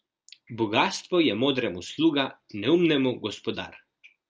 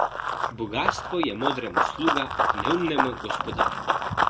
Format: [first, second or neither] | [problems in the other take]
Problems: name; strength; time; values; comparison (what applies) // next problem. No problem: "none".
first | background sound (Run); 4 dB above the speech